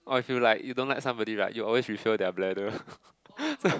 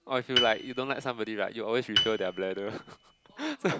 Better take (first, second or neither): first